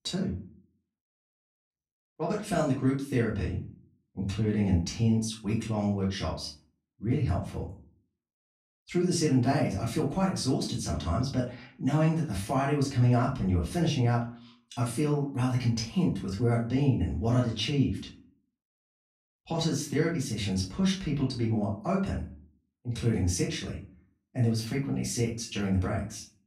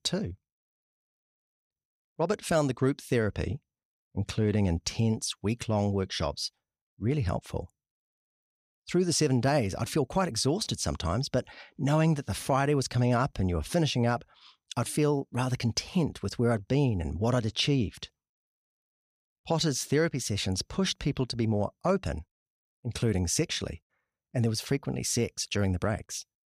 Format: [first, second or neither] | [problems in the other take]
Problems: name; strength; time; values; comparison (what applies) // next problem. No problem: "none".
second | off-mic speech; far // room echo; slight; dies away in 0.4 s